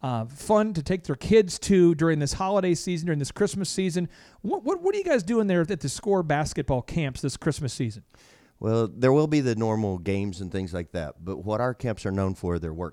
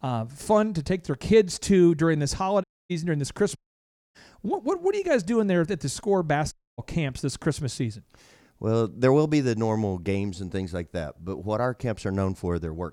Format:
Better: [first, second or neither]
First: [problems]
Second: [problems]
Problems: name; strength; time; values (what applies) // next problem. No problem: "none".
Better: first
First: none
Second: audio cutting out; at 2.5 s, at 3.5 s for 0.5 s and at 6.5 s